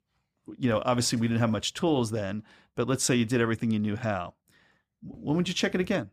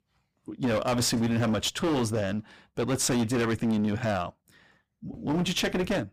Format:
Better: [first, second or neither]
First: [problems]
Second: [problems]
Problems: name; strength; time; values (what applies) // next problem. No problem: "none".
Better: first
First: none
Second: distortion; heavy; 18% of the sound clipped